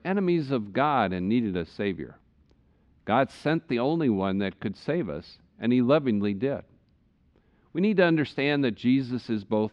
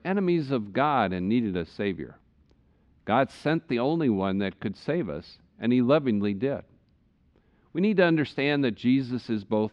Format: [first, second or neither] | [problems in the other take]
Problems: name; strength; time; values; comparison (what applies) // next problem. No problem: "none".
neither | muffled; very slightly; fading above 3.5 kHz; the same in both